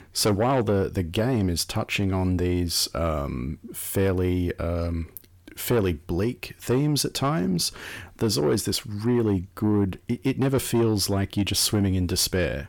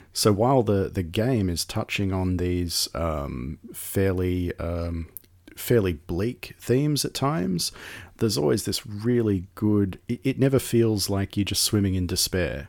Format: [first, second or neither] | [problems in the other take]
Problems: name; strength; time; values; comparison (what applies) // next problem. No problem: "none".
second | distortion; slight; 10 dB below the speech